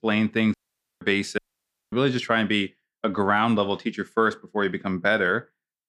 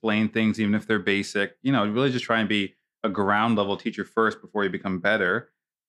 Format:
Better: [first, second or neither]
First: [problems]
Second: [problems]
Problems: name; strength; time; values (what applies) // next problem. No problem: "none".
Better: second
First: audio cutting out; at 0.5 s and at 1.5 s for 0.5 s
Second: none